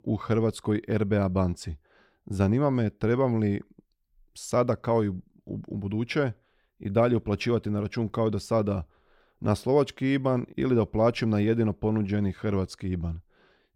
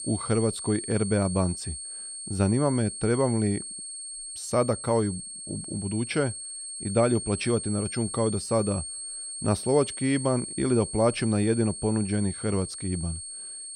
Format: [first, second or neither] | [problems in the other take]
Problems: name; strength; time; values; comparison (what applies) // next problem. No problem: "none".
first | high-pitched whine; loud; throughout; 8.5 kHz, 8 dB below the speech